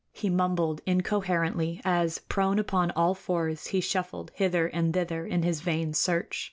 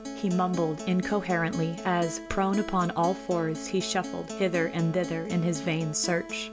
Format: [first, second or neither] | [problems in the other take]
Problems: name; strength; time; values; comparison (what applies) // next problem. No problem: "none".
first | background sound (Acoustic guitar); 10 dB below the speech